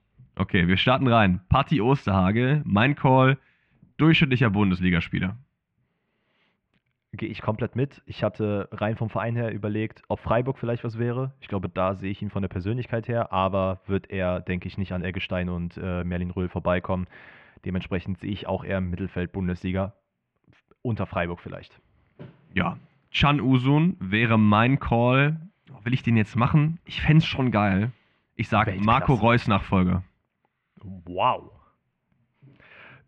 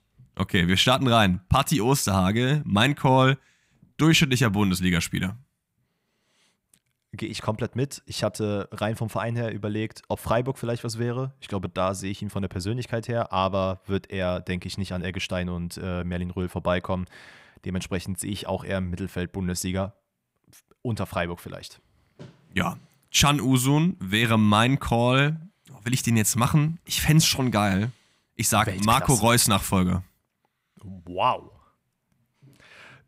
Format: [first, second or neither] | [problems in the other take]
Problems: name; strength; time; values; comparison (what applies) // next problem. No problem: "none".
second | muffled; very; fading above 2.5 kHz